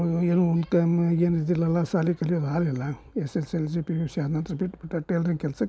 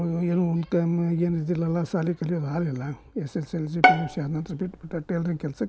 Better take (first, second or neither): first